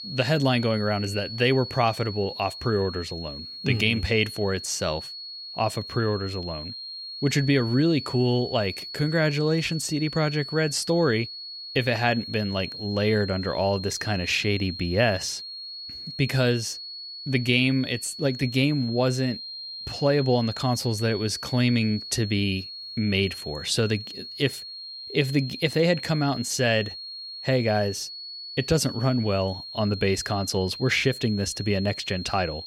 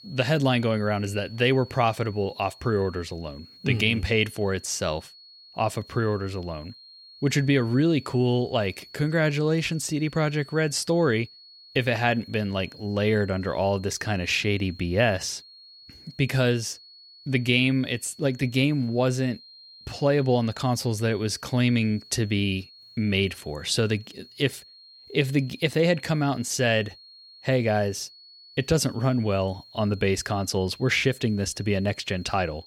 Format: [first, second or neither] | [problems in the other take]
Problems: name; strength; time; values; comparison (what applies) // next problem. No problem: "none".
second | high-pitched whine; loud; throughout; 4.5 kHz, 10 dB below the speech; faint in the second